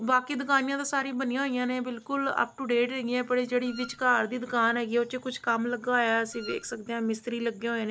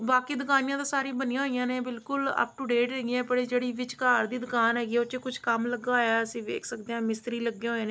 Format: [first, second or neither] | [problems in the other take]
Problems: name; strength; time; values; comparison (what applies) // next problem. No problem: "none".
second | background sound (Wind instrument, woodwind instrument); 17 dB below the speech